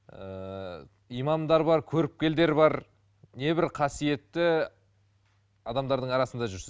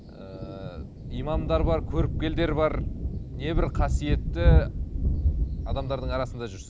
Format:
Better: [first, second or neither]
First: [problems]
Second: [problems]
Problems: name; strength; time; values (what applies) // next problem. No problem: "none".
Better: first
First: none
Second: background sound (Thunder); 5 dB above the speech